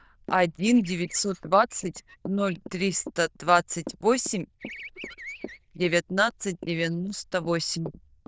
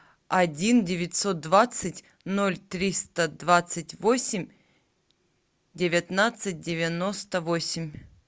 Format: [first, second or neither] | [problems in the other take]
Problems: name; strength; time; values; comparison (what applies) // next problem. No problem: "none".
second | noise reduction (neural diffusion model UNIVERSE++)